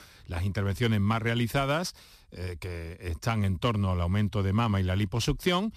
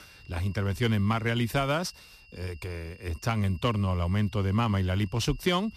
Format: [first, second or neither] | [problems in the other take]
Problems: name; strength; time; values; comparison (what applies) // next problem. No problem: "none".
first | high-pitched whine; faint; throughout; 3 kHz, 25 dB below the speech